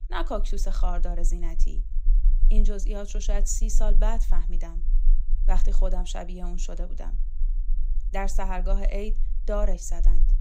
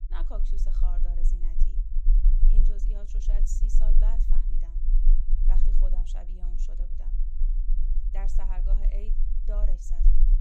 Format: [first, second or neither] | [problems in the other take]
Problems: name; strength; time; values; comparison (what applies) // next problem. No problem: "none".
first | low rumble; loud; throughout; 6 dB below the speech; faint in the first